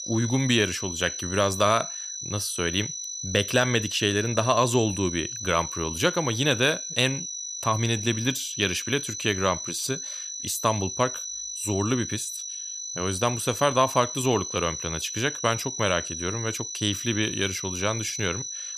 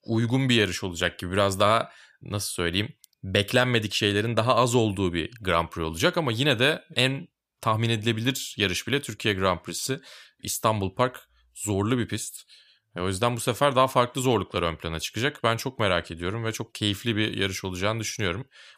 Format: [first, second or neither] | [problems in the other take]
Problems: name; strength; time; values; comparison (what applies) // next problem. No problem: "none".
second | high-pitched whine; loud; throughout; 6 kHz, 6 dB below the speech